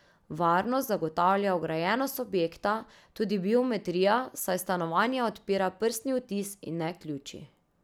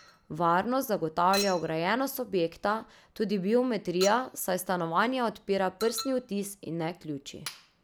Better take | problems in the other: first | background sound (Chink, clink); 16 dB below the speech

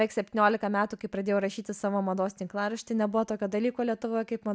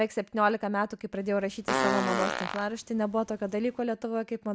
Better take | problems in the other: first | background sound (Fart); 3 dB below the speech

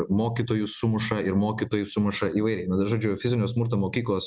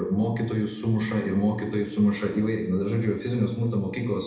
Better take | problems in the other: first | room echo; dies away in 0.8 s

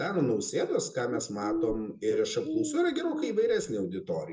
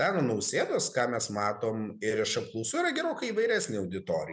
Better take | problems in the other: second | background sound (Bird); 9 dB below the speech // room echo; dies away in 0.2 s

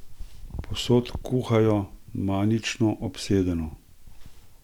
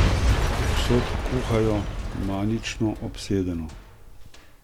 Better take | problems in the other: first | background sound (Shatter / Crushing / Boom); 1 dB above the speech

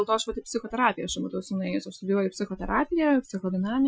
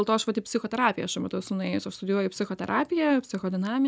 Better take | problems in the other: second | noise reduction (classical method Wiener filter)

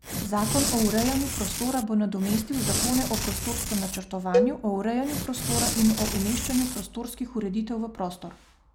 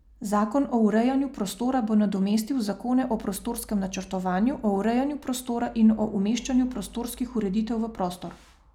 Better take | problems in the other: second | background sound (Tearing + Cowbell); 1 dB below the speech

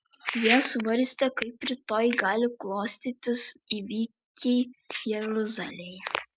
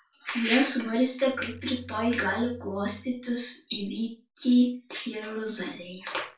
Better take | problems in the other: first | background sound (Bowed string instrument); 18 dB below the speech // room echo; dies away in 0.3 s

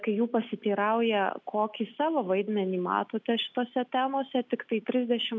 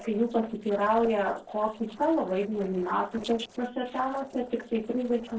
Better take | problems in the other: first | noise reduction (neural separator model SepFormer DNS4)

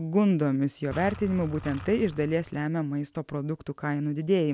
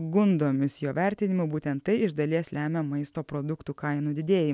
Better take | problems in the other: second | background sound (Engine); 14 dB below the speech

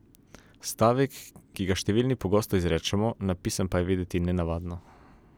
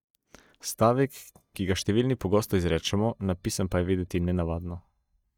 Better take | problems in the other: first | noise reduction (neural mask model DeepFilterNet 3)

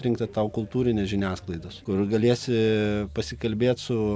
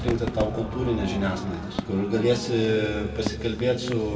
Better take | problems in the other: first | background sound (Crowd / Fireworks); 10 dB below the speech // room echo; dies away in 2 s

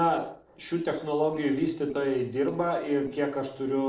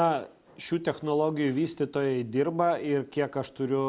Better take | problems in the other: second | noise reduction (neural separator model SepFormer DNS4)

